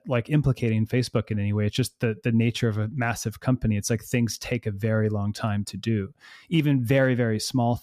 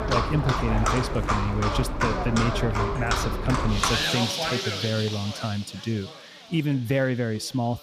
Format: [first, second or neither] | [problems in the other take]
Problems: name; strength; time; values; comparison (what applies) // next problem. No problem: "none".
first | animal sounds; very loud; throughout; 1 dB above the speech